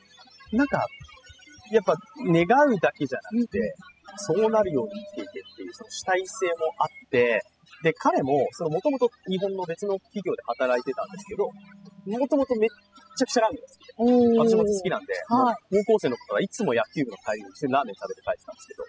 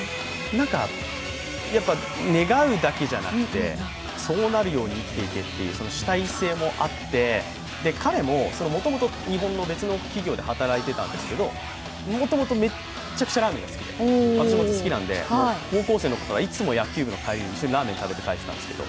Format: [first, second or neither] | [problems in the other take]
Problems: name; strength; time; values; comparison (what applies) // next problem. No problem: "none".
second | noise reduction (classical method spectral subtraction)